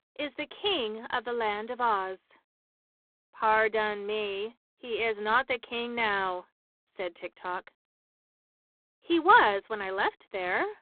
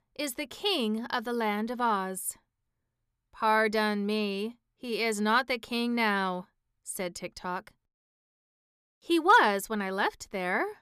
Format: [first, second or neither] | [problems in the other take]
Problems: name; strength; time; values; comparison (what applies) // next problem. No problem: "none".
second | phone-call audio; poor line